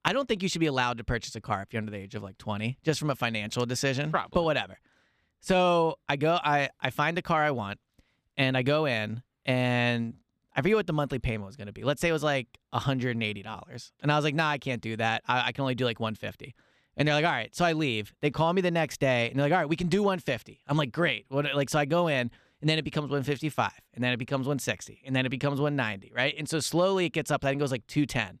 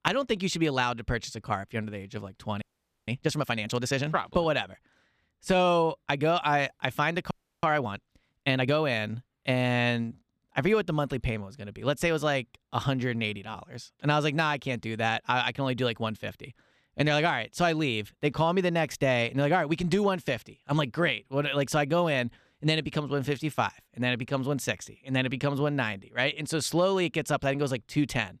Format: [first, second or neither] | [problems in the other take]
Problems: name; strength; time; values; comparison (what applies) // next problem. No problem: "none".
first | audio freezing; at 2.5 s and at 7.5 s